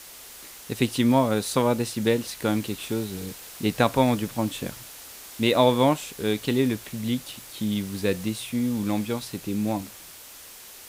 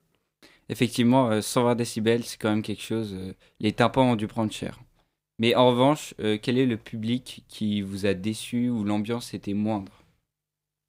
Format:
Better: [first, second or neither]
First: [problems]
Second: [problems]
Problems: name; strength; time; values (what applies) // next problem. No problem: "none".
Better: second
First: hiss; noticeable; throughout; 15 dB below the speech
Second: none